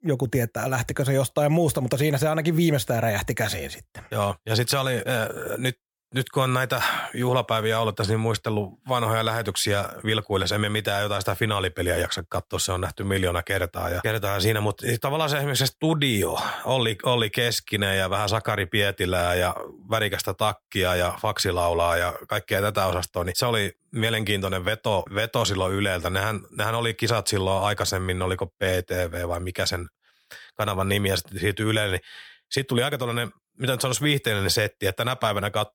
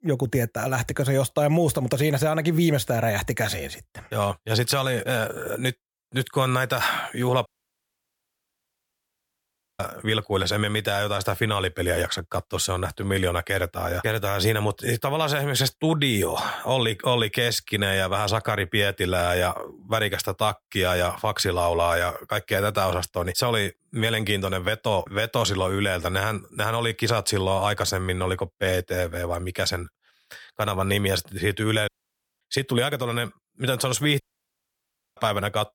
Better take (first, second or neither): first